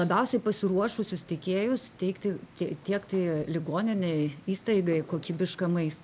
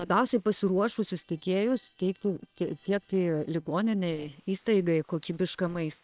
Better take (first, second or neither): first